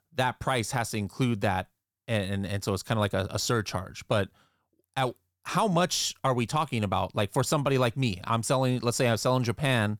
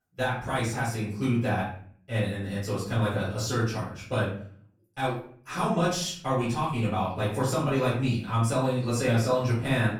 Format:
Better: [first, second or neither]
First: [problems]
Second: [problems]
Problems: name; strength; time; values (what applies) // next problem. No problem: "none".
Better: first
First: none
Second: off-mic speech; far // room echo; noticeable; dies away in 0.5 s